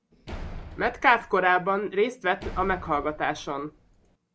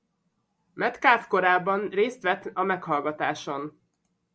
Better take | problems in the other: second | background sound (Slam); 14 dB below the speech

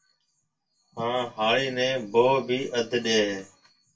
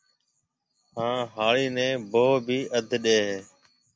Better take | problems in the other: second | room echo; dies away in 0.2 s

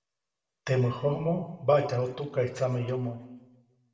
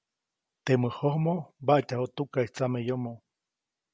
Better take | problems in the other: second | room echo; dies away in 1 s

